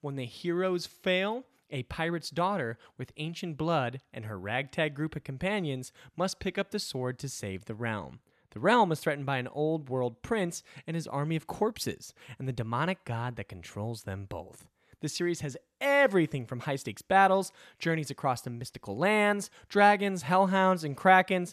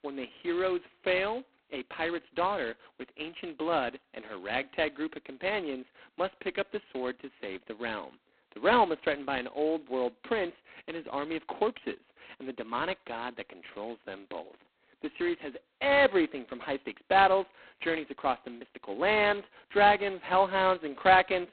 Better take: first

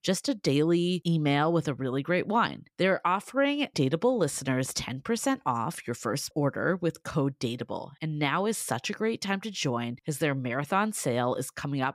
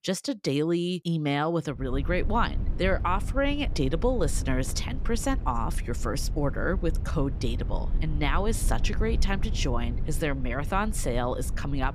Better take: first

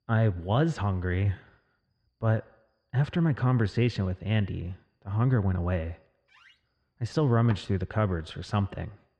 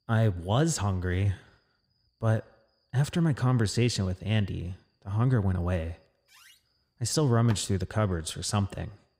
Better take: second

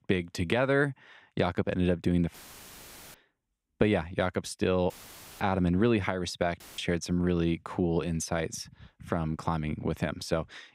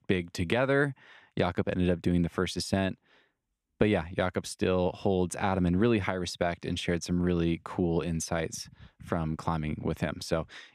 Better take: second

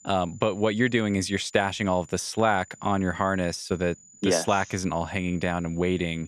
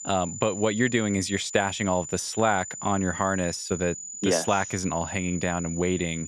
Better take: first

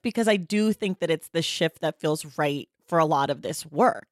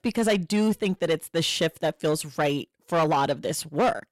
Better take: first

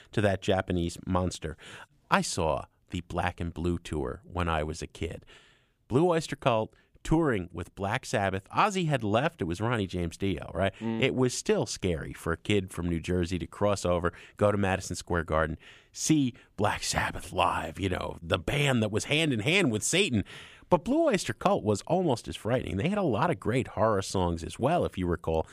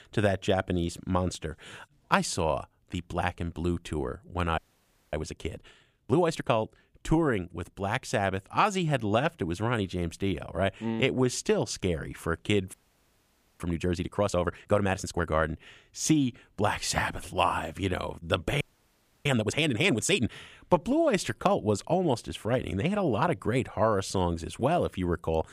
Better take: first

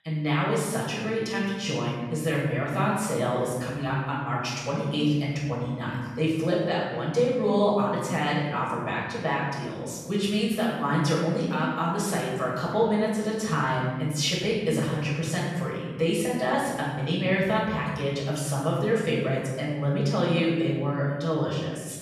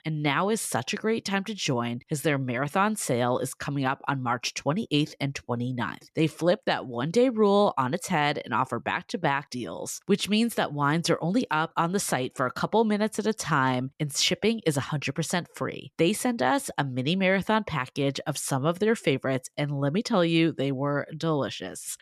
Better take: second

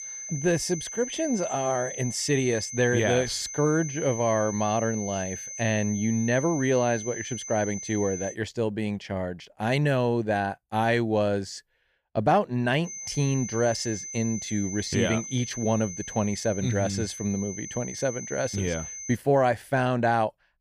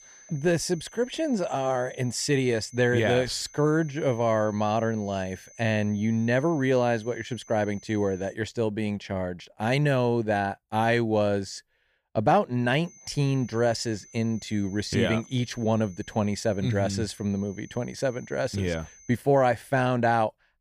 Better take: second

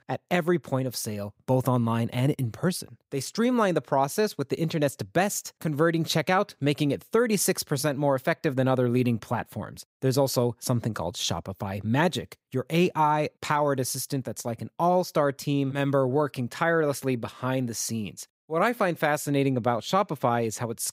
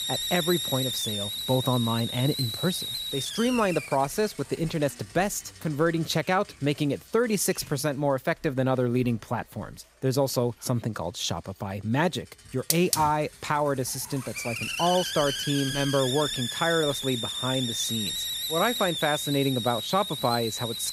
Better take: first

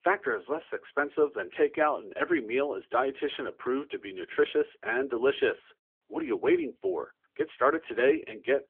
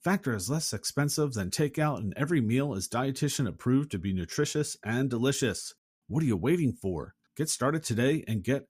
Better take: second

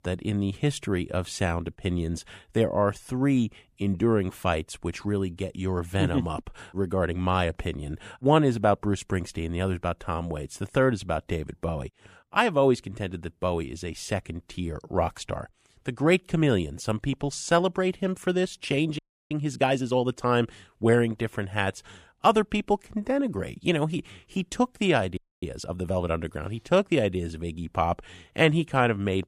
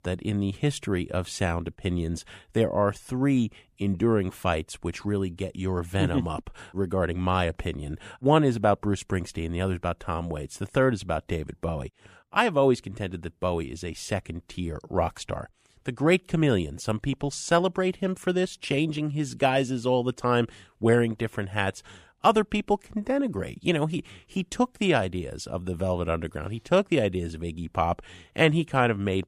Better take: second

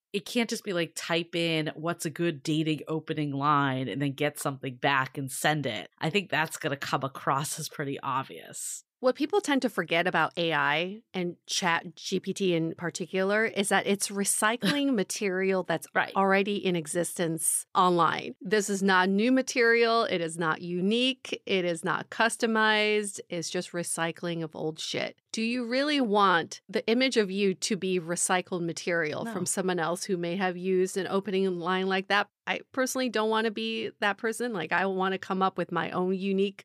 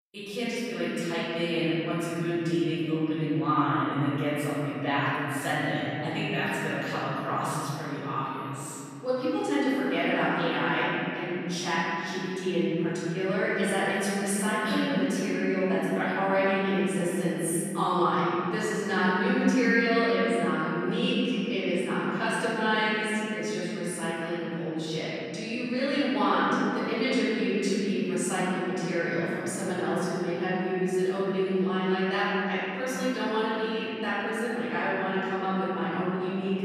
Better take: first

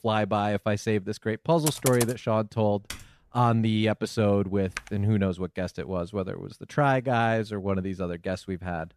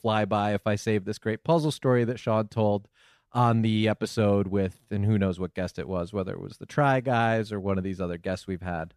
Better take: second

